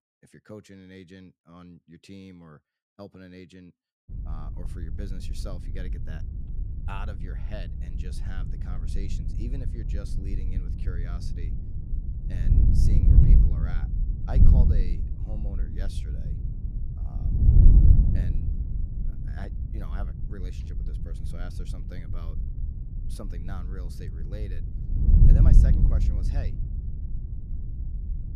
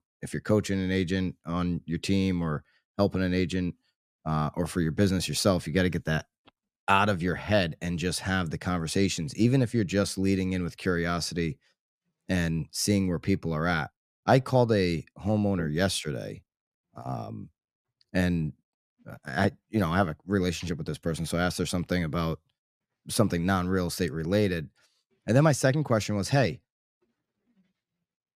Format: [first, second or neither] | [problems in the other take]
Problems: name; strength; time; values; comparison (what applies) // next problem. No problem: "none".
second | wind noise on the microphone; heavy; from 4 s on; 3 dB above the speech